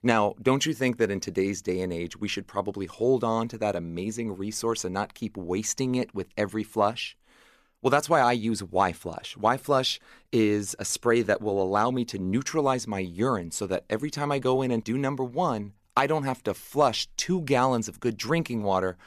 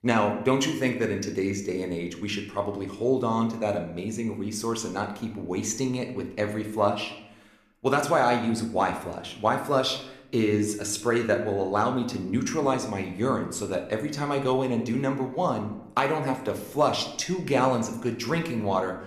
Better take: first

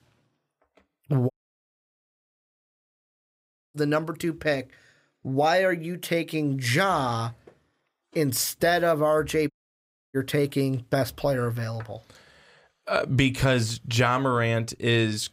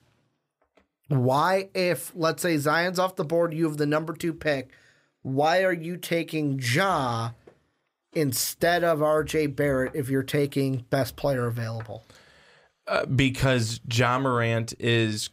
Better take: second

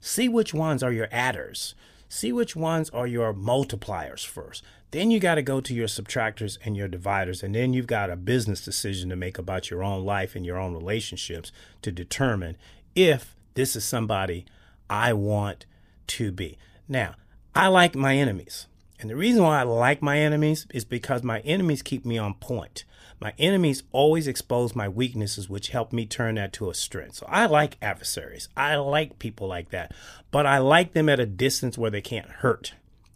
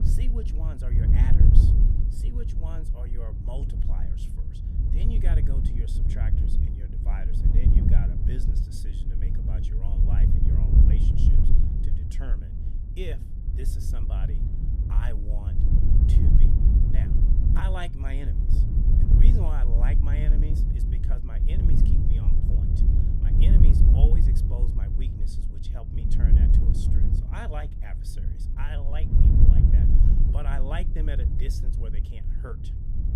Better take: first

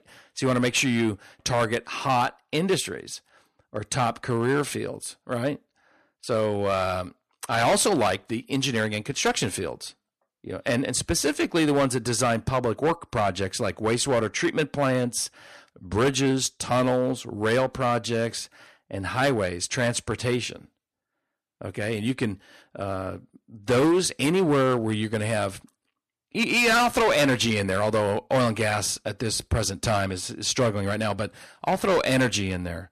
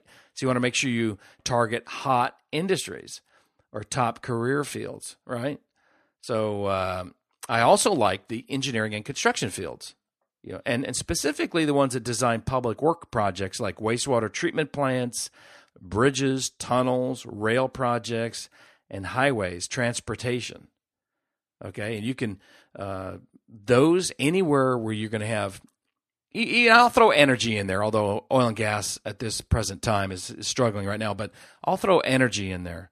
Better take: second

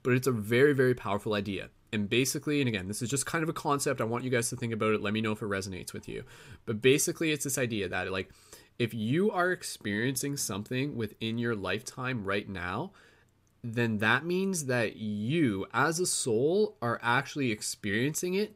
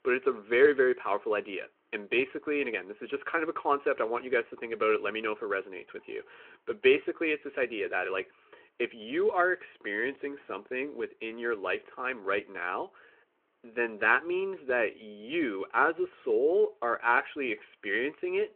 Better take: first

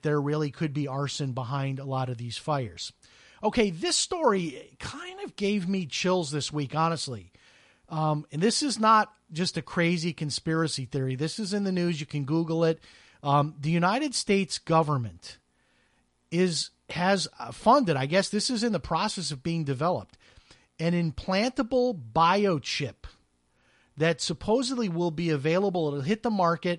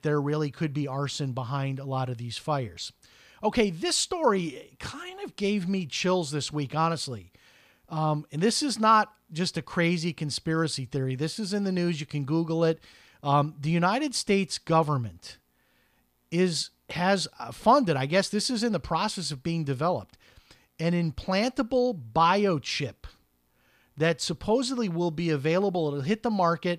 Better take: second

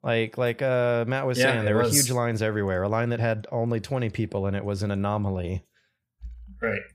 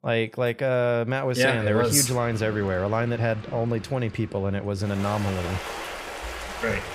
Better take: first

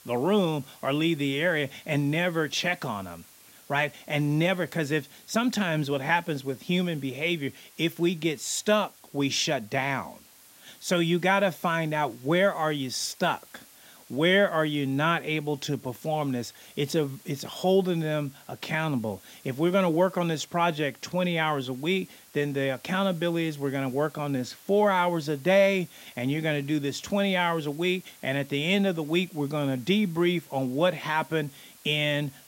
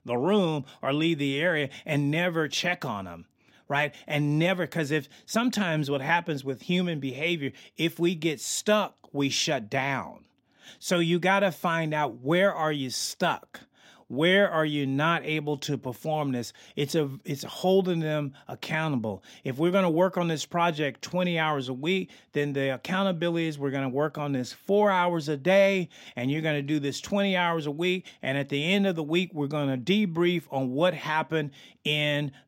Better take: second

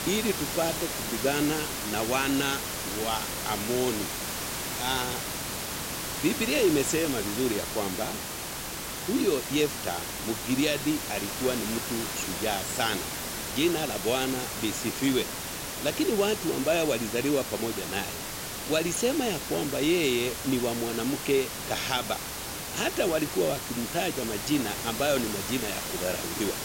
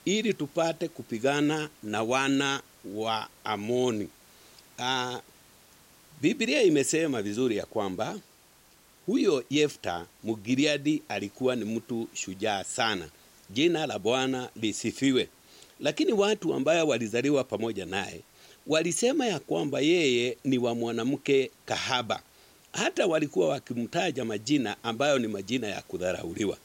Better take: second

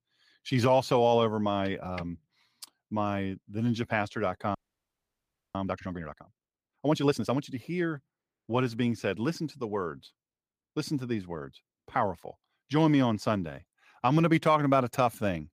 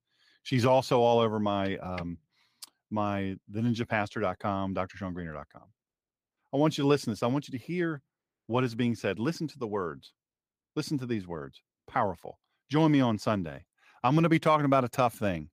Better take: second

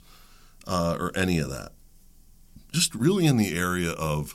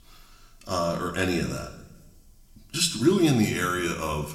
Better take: first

